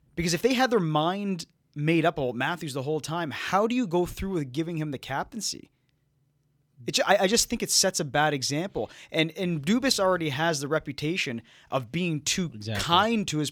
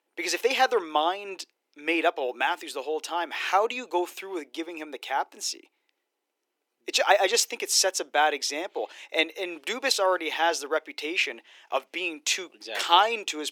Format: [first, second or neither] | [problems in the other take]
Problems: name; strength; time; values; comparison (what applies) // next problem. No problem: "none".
first | thin; very; fading below 350 Hz